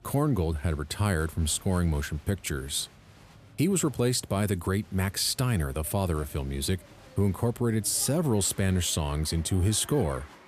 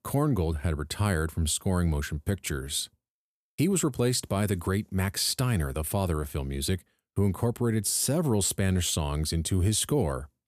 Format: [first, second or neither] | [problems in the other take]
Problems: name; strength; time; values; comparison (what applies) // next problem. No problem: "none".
second | crowd noise; faint; throughout; 25 dB below the speech